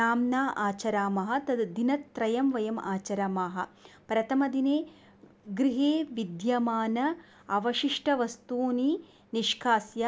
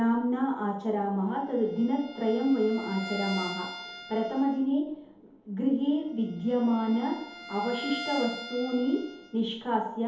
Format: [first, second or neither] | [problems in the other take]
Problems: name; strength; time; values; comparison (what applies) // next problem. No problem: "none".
first | background sound (Bowed string instrument); 14 dB below the speech // room echo; dies away in 2.2 s